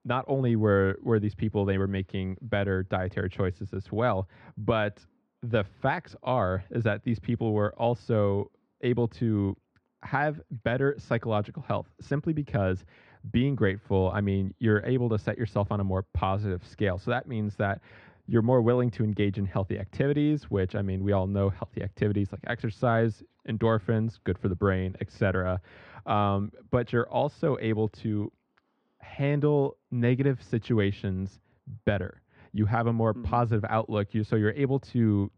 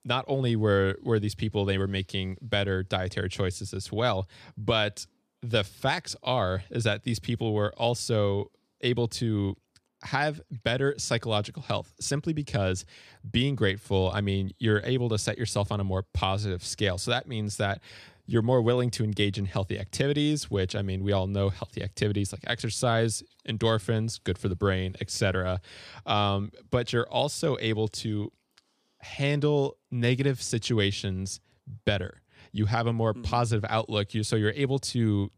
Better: second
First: muffled; very; fading above 1.5 kHz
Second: none

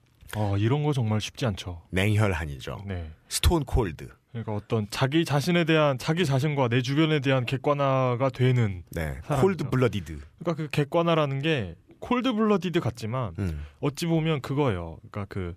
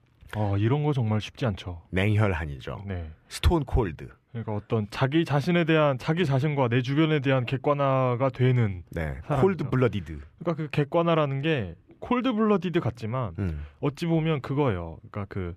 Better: first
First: none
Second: muffled; slightly; fading above 4 kHz

